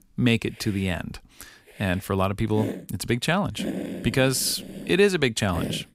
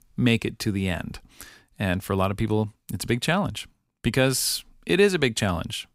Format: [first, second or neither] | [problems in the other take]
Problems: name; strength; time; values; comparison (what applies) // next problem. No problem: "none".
second | hiss; noticeable; throughout; 10 dB below the speech